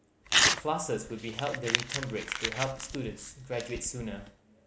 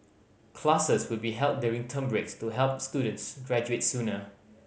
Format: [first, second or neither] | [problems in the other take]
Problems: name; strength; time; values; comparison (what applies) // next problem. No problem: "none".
second | background sound (Crumpling, crinkling / Tearing); 3 dB above the speech